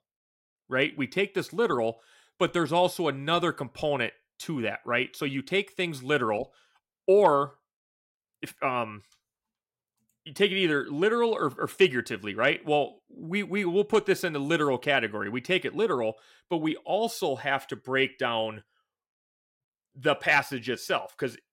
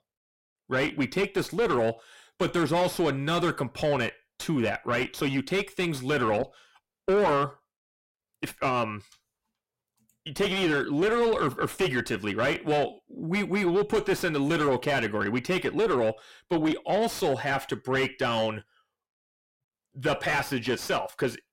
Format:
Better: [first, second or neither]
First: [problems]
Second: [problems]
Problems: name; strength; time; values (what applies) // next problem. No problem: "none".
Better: first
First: none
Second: distortion; heavy; 6 dB below the speech